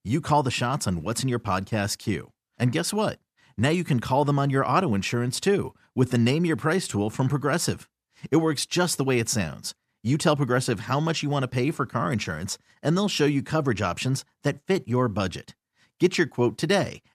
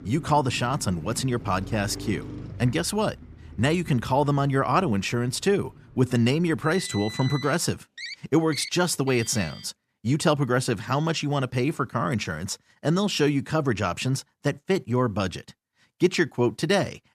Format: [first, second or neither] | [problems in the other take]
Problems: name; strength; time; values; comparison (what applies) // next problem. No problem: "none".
first | traffic noise; noticeable; until 10 s; 15 dB below the speech